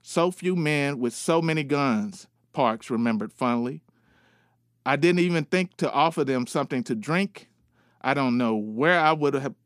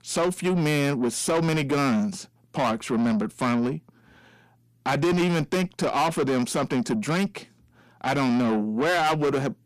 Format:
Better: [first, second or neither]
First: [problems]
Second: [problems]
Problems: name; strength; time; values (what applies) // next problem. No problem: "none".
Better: first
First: none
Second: distortion; heavy; 6 dB below the speech